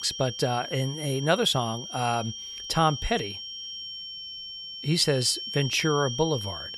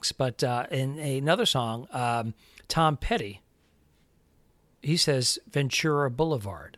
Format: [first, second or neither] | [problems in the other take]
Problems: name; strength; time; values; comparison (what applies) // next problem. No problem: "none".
second | high-pitched whine; loud; throughout; 3 kHz, 8 dB below the speech